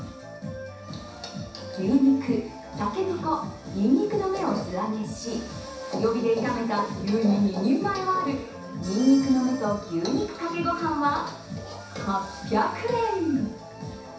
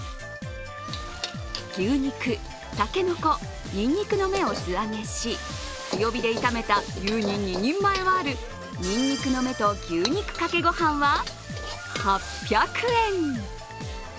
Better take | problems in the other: second | room echo; dies away in 0.7 s

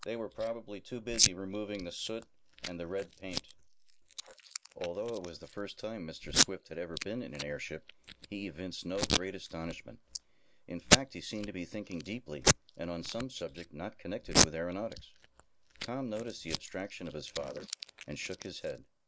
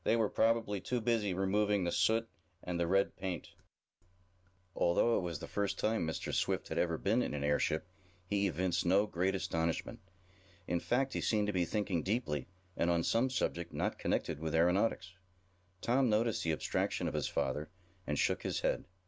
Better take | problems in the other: second | noise reduction (neural mask model Resemble Enhance denoiser)

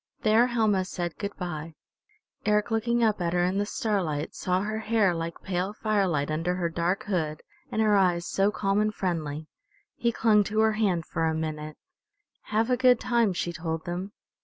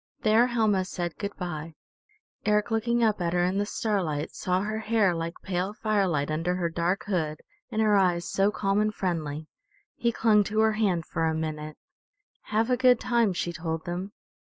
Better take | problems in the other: first | noise reduction (neural mask model Resemble Enhance denoiser)

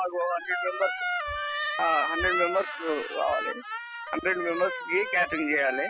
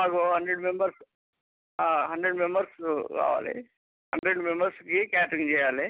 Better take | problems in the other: second | noise reduction (classical method spectral subtraction)

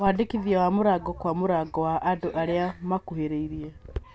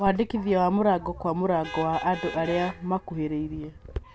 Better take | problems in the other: first | background sound (Vehicle horn, car horn, honking); 16 dB below the speech

